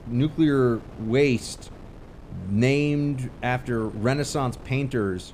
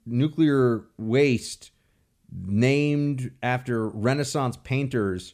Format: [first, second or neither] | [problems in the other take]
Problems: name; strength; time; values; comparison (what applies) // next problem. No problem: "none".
second | wind noise on the microphone; occasional gusts; 20 dB below the speech